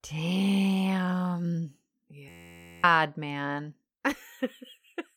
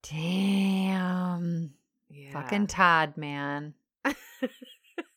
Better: second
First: audio freezing; at 2.5 s for 0.5 s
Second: none

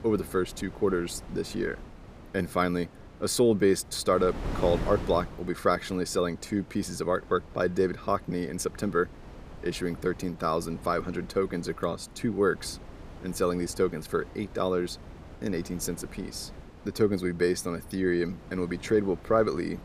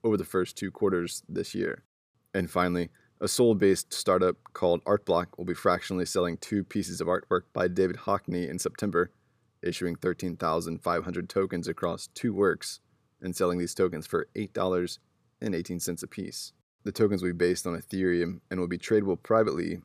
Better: second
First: wind noise on the microphone; occasional gusts; 20 dB below the speech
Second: none

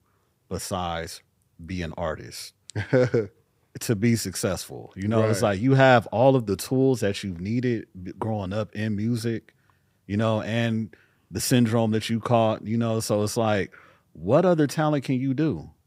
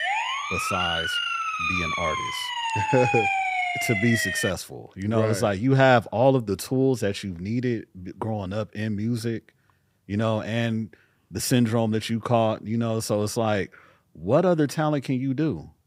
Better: first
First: none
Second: siren; loud; until 4.5 s; peak 2 dB above the speech

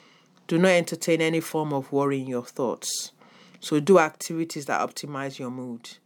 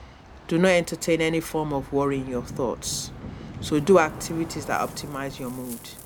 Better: first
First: none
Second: rain or running water; noticeable; throughout; 15 dB below the speech

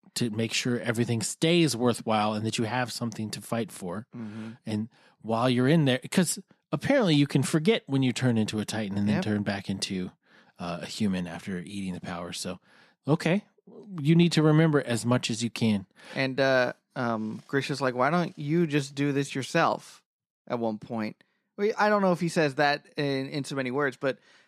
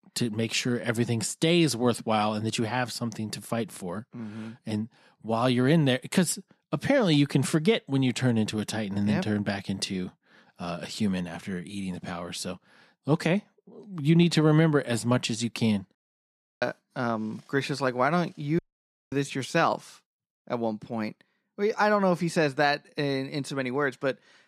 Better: first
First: none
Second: audio cutting out; at 16 s for 0.5 s and at 19 s for 0.5 s

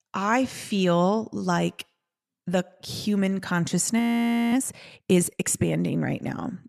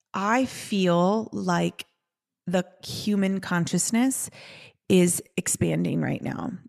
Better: second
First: audio freezing; at 4 s for 0.5 s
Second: none

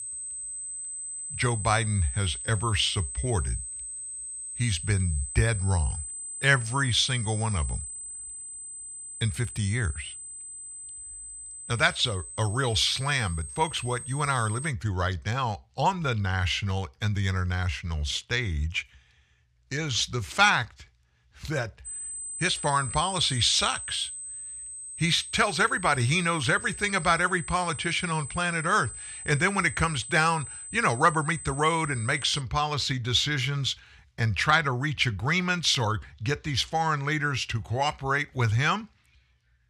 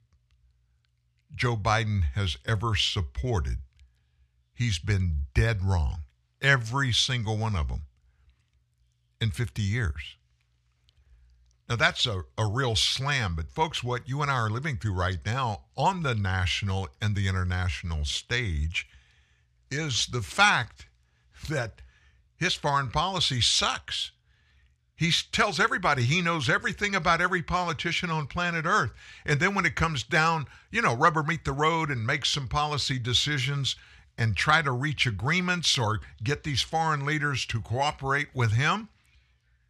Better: second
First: high-pitched whine; loud; until 15 s and from 22 to 32 s; 8 kHz, 9 dB below the speech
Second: none

